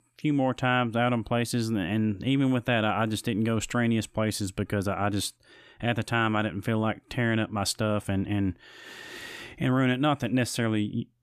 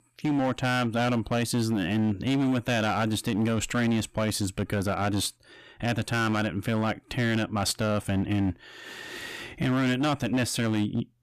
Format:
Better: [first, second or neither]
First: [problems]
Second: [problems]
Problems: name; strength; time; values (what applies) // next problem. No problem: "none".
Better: first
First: none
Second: distortion; slight; 14% of the sound clipped